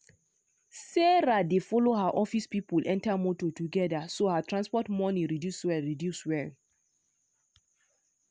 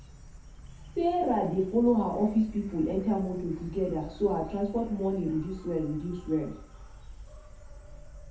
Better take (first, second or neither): first